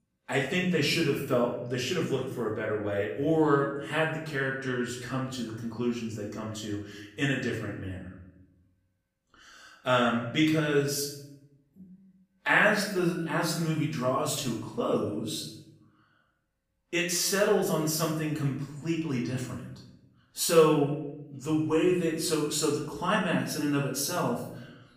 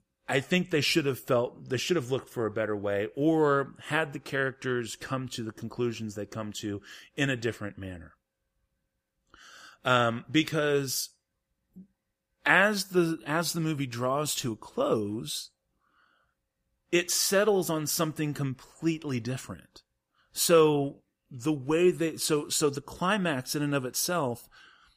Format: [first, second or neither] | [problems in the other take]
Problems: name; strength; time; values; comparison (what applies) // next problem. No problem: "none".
second | off-mic speech; far // room echo; noticeable; dies away in 0.7 s